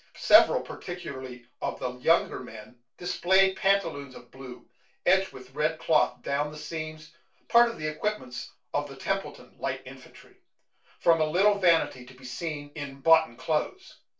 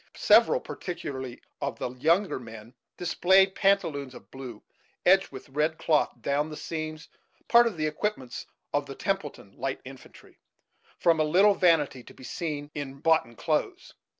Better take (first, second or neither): second